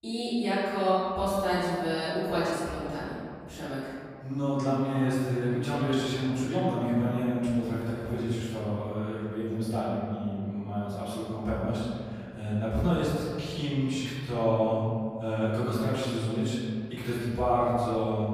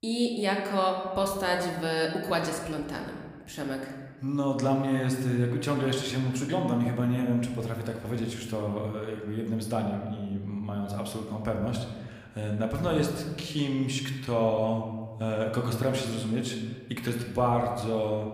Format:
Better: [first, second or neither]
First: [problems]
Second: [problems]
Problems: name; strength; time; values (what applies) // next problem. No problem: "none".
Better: second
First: room echo; strong; dies away in 2.1 s // off-mic speech; far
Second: room echo; slight; dies away in 1.3 s